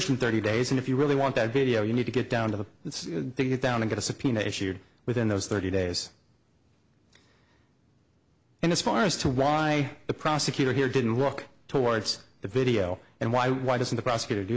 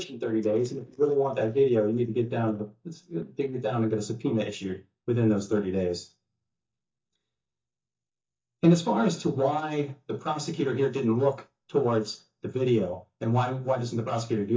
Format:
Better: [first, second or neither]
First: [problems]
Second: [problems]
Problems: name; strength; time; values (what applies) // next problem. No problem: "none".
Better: first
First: none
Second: noise reduction (neural mask model DeepFilterNet 3)